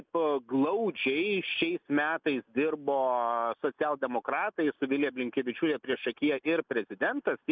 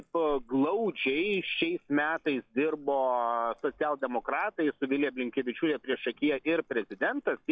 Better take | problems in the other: first | noise reduction (classical method log-MMSE)

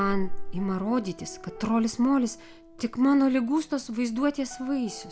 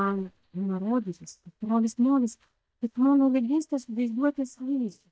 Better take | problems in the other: first | noise reduction (neural mask model DeepFilterNet 3)

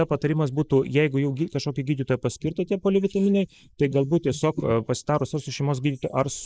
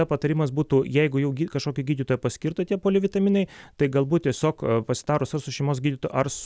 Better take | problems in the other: second | noise reduction (neural mask model Resemble Enhance denoiser)

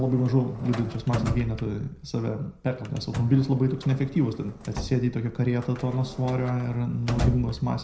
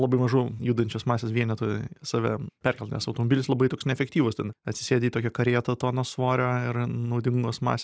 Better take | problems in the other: second | background sound (Drawer open or close); 9 dB below the speech // room echo; dies away in 0.5 s

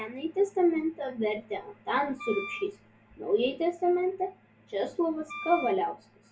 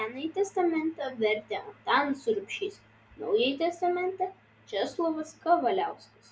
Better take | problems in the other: second | background sound (Wind instrument, woodwind instrument); 11 dB below the speech // room echo; dies away in 0.2 s

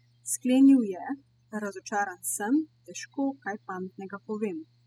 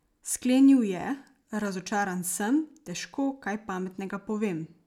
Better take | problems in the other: second | noise reduction (classical method spectral subtraction)

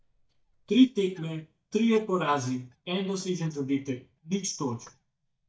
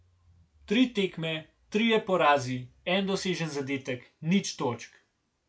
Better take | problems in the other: second | noise reduction (neural mask model DeepFilterNet 3)

